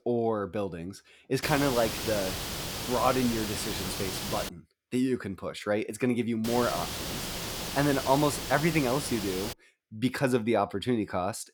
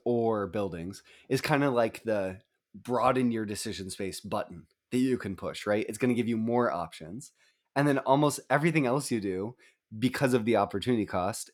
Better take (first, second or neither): second